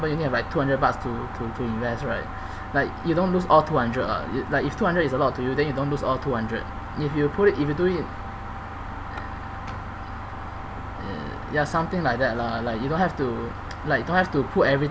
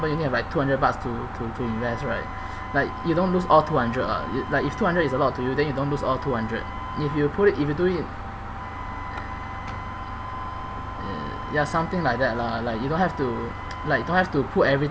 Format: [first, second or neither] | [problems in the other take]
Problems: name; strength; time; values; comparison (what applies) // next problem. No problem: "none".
first | background sound (Wind instrument, woodwind instrument); 15 dB below the speech